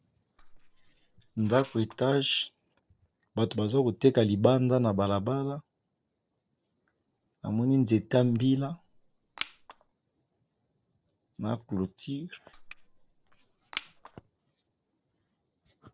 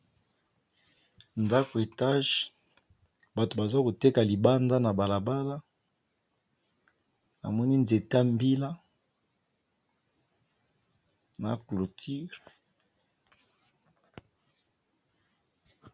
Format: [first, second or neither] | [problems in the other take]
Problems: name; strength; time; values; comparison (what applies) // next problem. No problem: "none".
second | noise reduction (neural separator model SepFormer DNS4)